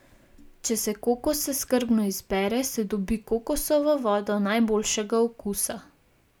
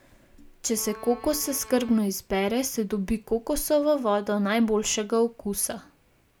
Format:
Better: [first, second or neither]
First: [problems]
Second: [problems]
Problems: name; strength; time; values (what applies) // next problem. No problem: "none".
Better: first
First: none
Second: background sound (Bowed string instrument); 18 dB below the speech